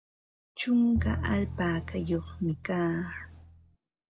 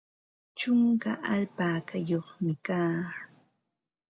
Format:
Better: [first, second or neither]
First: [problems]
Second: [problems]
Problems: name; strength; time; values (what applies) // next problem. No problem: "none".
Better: second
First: background sound (Bowed string instrument); 6 dB below the speech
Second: none